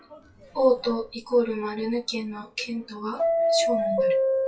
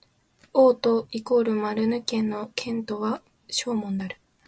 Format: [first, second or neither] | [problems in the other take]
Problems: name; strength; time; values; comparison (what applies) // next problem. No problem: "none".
second | noise reduction (classical method WPE with log-MMSE)